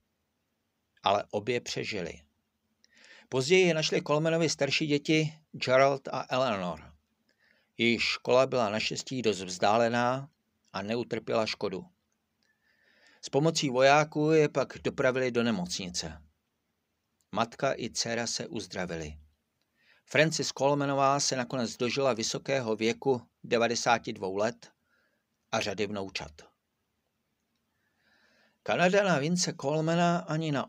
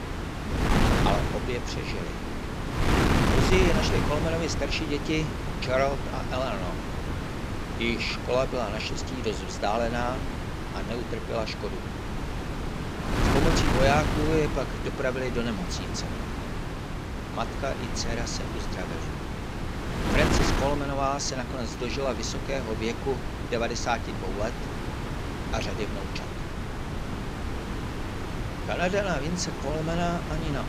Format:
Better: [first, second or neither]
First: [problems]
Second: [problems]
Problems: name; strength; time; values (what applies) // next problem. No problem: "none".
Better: first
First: none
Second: wind noise on the microphone; heavy; 3 dB below the speech